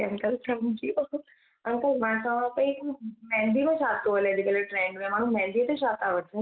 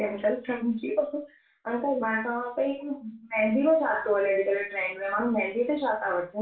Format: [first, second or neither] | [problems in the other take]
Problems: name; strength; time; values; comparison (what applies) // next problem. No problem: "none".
first | room echo; dies away in 0.2 s